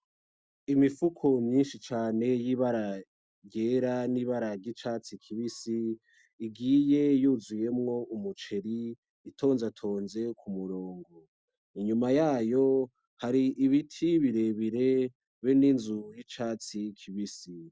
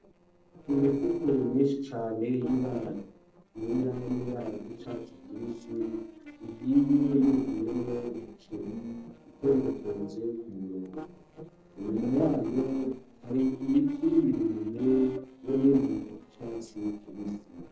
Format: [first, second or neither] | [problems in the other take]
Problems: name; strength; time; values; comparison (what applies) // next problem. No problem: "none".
first | noise reduction (neural separator model SepFormer DNS4)